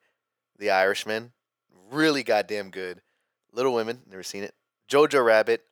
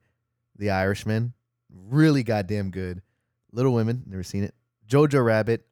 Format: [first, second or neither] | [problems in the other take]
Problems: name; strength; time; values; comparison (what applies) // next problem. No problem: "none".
second | thin; very; fading below 550 Hz